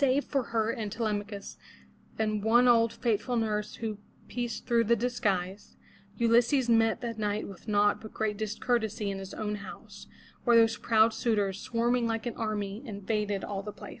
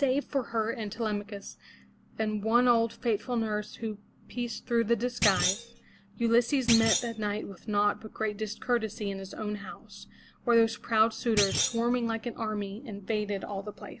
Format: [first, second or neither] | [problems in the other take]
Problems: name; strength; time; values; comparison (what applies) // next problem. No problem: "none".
first | background sound (Thump, thud); 3 dB below the speech